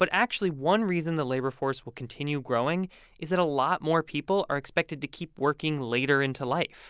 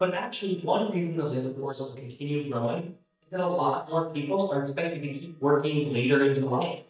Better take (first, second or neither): first